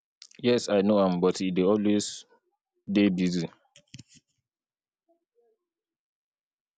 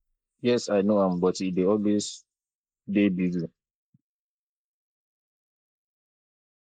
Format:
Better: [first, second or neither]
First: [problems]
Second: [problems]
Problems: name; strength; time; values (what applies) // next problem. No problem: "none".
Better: first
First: none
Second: noise reduction (neural mask model Resemble Enhance denoiser)